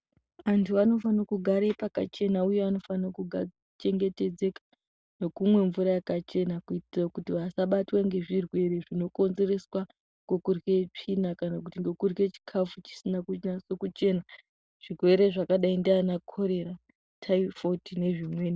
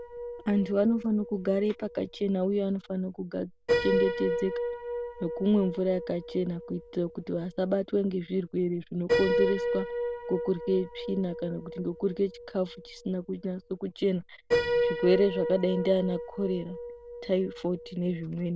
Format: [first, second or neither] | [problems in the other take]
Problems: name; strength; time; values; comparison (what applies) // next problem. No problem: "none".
first | background sound (Piano); 4 dB below the speech